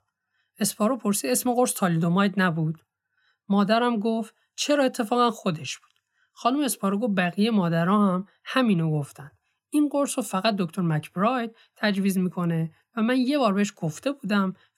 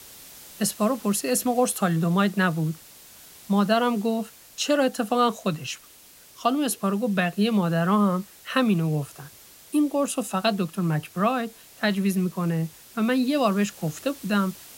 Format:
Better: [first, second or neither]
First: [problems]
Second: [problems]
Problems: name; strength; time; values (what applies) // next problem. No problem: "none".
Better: first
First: none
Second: hiss; faint; throughout; 20 dB below the speech